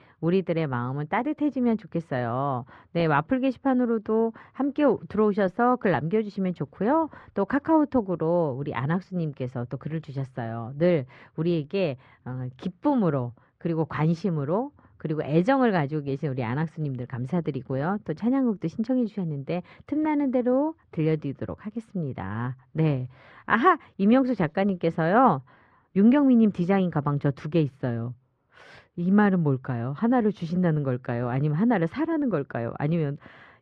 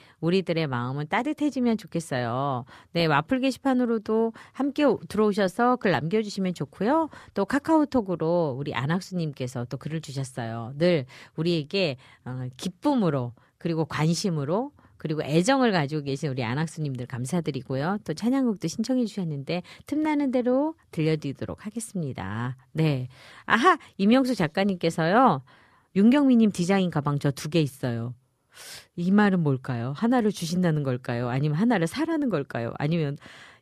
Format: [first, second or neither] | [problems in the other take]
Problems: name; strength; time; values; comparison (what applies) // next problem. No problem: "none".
second | muffled; very; fading above 2 kHz